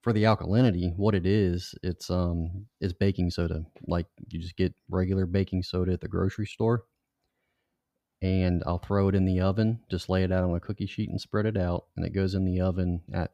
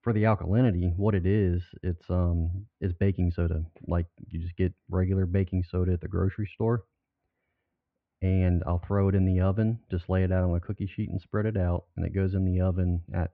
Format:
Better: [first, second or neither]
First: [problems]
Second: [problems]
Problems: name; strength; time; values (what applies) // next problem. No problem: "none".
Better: first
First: none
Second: muffled; very; fading above 2.5 kHz